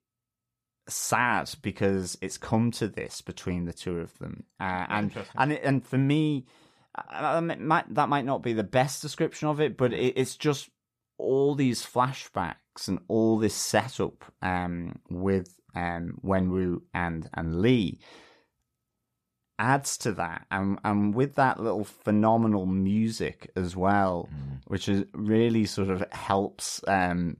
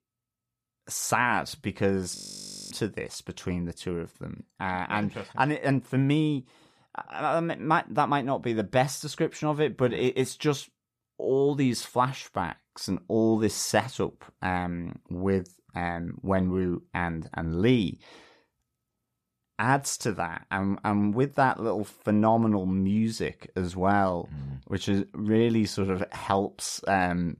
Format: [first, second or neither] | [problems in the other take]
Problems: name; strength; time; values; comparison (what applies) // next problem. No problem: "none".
first | audio freezing; at 2 s for 0.5 s